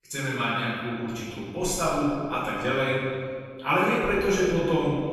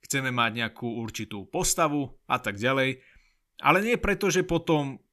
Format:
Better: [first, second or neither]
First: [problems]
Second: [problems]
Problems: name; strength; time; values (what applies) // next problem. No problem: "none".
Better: second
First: off-mic speech; far // room echo; strong; dies away in 2 s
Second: none